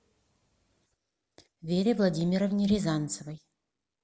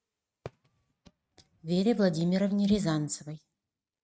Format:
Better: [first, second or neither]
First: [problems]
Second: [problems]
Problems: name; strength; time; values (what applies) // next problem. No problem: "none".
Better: first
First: none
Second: noise reduction (neural mask model RNNoise)